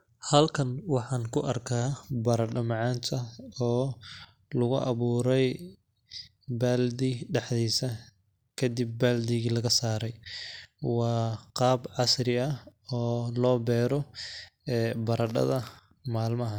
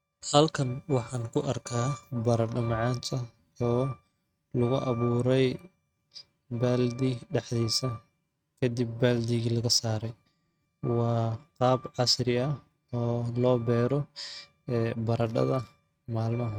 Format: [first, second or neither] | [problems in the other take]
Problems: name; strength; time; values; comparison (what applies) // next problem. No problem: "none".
first | noise reduction (neural mask model RNNoise)